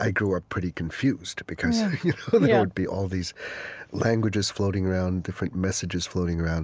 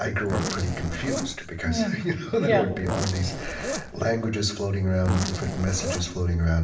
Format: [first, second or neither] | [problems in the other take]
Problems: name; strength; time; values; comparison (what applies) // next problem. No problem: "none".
first | background sound (Zipper (clothing)); 7 dB below the speech // room echo; dies away in 0.8 s